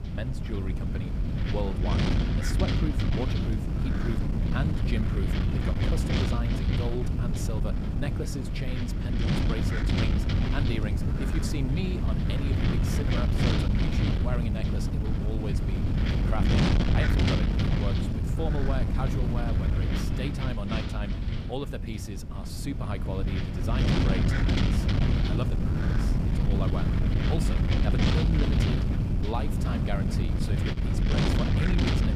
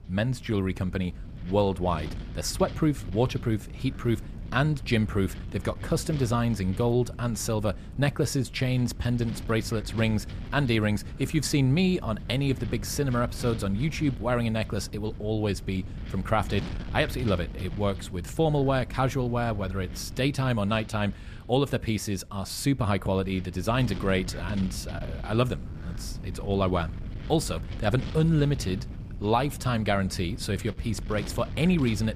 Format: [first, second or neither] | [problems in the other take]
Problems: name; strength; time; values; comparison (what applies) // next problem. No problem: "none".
second | wind noise on the microphone; heavy; 4 dB above the speech; occasional gusts in the second